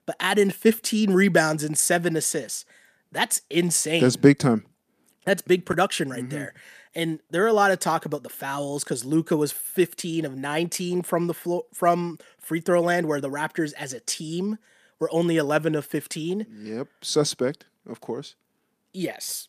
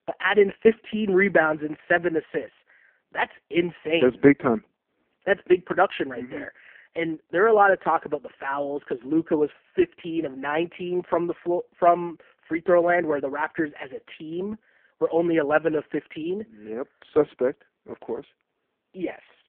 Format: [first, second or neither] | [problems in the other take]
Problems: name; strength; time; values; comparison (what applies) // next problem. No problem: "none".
first | phone-call audio; poor line